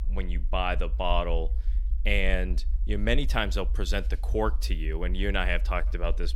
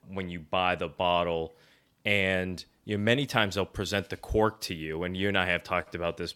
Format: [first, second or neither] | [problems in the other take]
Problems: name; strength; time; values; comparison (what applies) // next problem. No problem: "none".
second | low rumble; faint; throughout; 25 dB below the speech